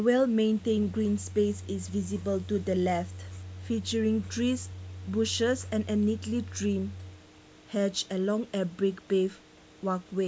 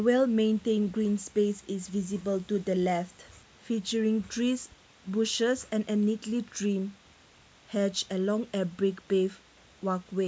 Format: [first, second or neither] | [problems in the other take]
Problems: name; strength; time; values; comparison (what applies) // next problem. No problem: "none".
second | background sound (Microwave oven); 14 dB below the speech